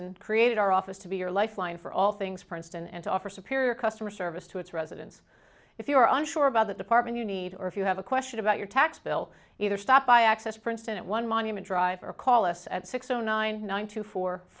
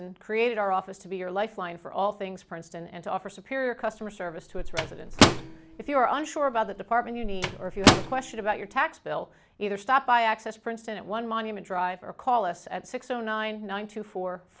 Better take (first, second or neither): first